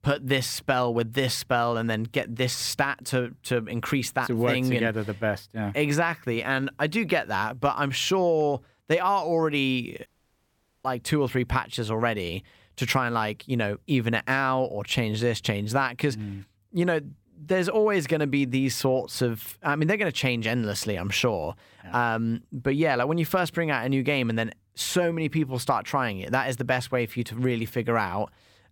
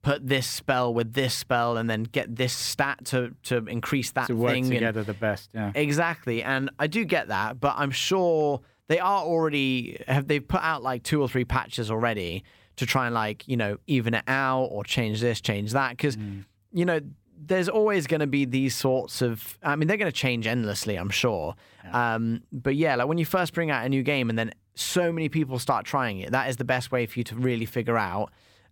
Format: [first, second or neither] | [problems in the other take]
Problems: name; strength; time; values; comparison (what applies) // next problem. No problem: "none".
second | audio cutting out; at 10 s for 1 s